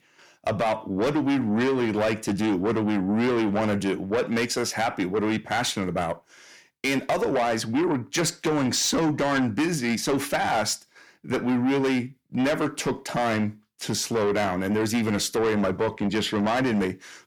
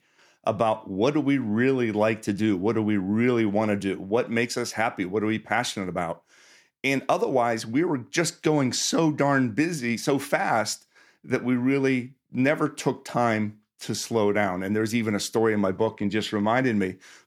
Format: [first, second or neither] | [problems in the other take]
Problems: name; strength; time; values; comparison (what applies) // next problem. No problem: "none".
second | distortion; heavy; 7 dB below the speech